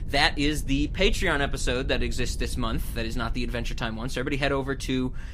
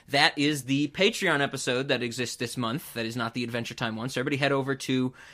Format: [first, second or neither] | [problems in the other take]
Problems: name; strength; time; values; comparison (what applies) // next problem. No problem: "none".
second | low rumble; faint; throughout; 25 dB below the speech